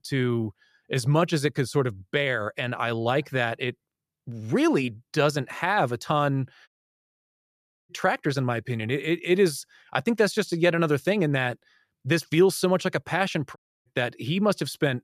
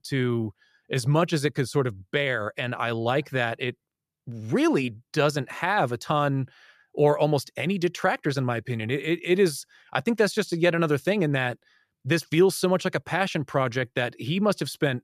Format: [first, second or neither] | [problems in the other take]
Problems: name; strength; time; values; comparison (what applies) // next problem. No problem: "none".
second | audio cutting out; at 6.5 s for 1 s and at 14 s